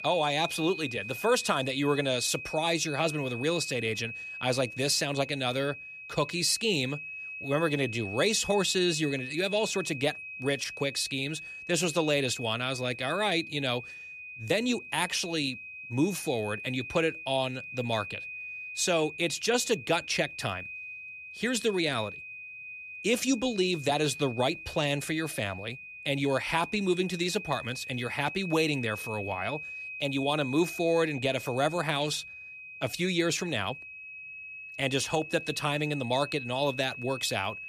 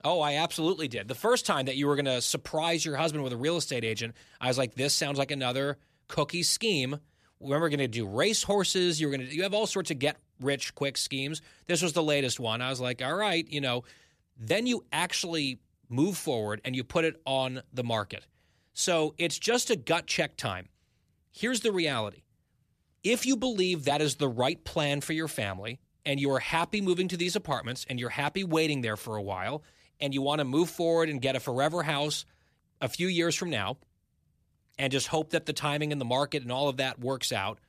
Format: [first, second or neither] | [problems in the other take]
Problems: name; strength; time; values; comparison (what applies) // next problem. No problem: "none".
second | high-pitched whine; noticeable; throughout; 2.5 kHz, 10 dB below the speech